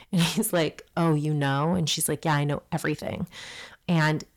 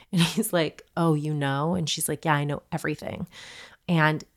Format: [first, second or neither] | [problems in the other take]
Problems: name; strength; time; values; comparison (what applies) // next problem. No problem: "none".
second | distortion; slight; 10 dB below the speech